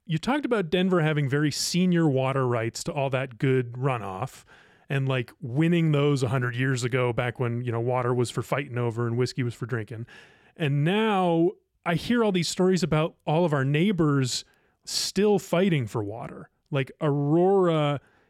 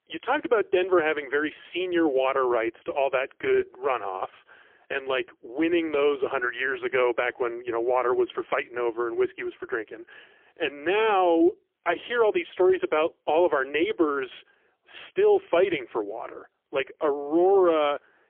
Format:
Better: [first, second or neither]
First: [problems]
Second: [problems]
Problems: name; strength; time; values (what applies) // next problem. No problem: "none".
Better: first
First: none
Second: phone-call audio; poor line; nothing above 3.5 kHz